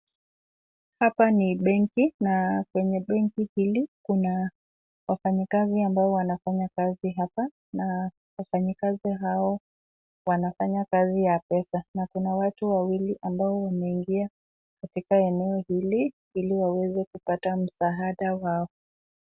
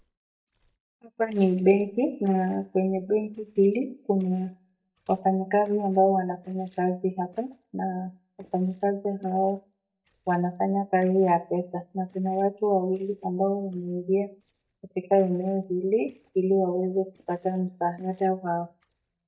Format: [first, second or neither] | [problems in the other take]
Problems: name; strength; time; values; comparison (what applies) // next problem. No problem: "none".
first | noise reduction (neural mask model DeepFilterNet 3)